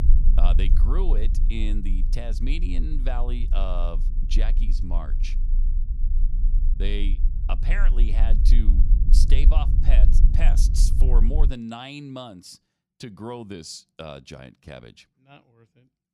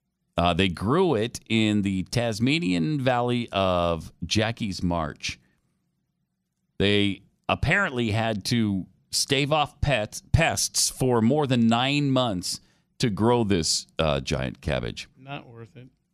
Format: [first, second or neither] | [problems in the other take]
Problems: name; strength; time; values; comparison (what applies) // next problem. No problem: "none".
second | low rumble; loud; until 12 s; 9 dB below the speech